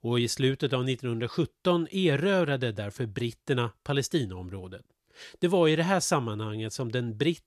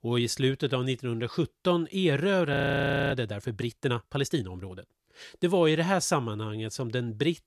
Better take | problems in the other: first | audio freezing; at 2.5 s for 0.5 s

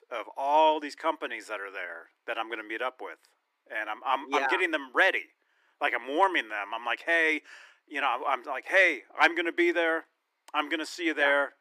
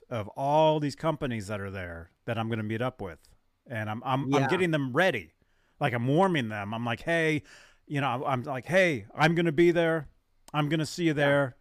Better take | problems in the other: second | thin; very; fading below 300 Hz

